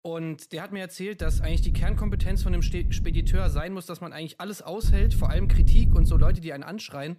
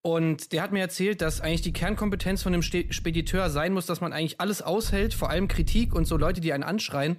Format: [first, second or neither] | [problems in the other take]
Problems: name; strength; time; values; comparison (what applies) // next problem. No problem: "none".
second | low rumble; loud; from 1 to 3.5 s and from 5 to 6.5 s; 7 dB below the speech; faint in the second